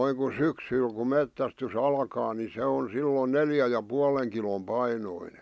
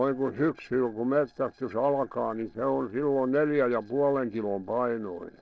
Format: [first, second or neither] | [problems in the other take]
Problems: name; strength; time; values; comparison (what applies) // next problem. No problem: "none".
first | noise reduction (neural separator model SepFormer DNS4)